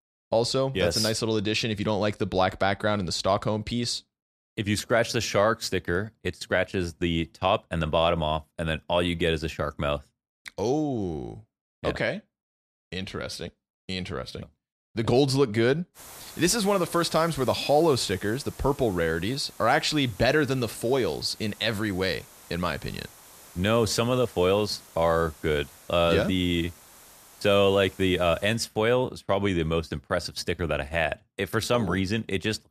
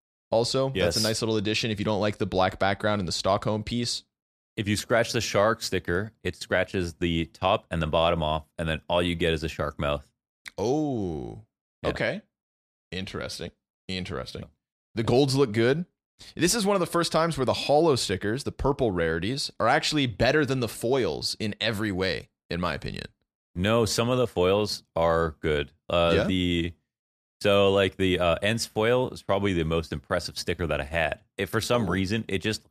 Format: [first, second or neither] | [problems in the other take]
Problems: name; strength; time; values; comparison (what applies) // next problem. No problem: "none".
second | hiss; faint; from 16 to 29 s; 20 dB below the speech